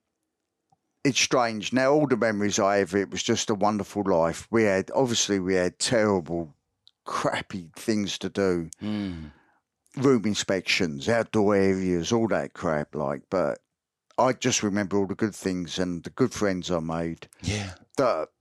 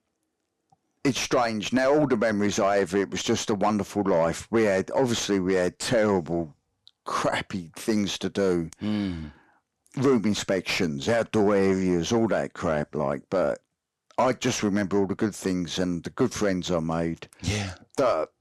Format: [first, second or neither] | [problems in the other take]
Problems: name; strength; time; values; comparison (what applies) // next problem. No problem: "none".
first | distortion; slight; 10 dB below the speech